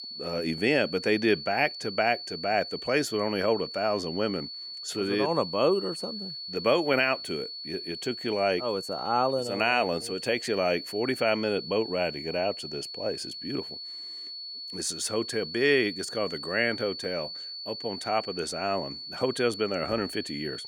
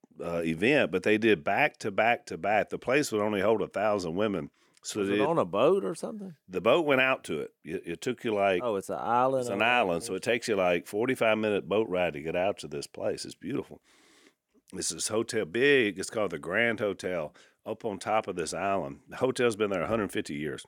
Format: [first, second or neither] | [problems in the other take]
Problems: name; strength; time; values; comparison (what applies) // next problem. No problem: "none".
second | high-pitched whine; loud; throughout; 4.5 kHz, 8 dB below the speech